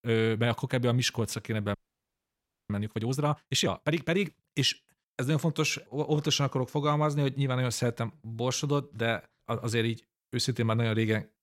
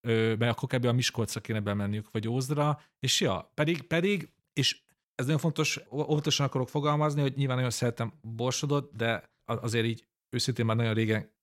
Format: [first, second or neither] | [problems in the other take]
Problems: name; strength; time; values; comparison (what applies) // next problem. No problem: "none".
second | audio freezing; at 1.5 s for 1 s